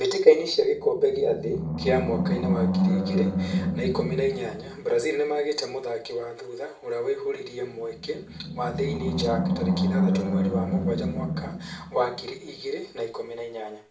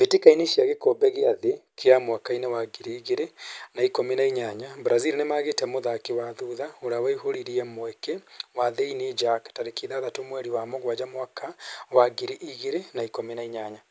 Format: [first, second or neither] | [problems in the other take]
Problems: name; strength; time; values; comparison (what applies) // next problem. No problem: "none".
second | background sound (Animal); 1 dB below the speech // room echo; dies away in 0.4 s